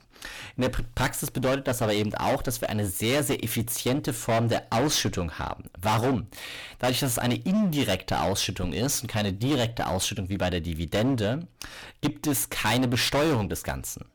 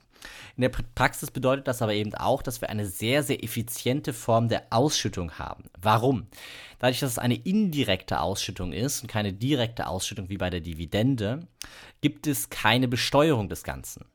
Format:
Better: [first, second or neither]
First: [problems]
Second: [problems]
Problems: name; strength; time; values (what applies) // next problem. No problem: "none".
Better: second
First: distortion; heavy; 16% of the sound clipped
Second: none